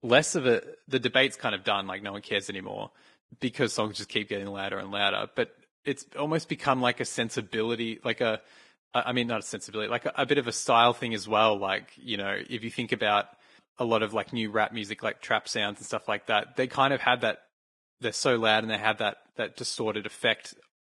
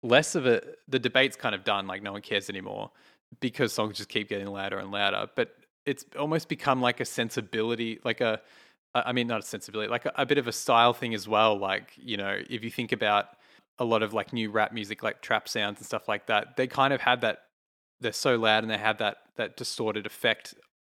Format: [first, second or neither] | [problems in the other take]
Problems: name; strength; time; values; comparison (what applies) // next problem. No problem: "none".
second | garbled, watery; badly; nothing above 10 kHz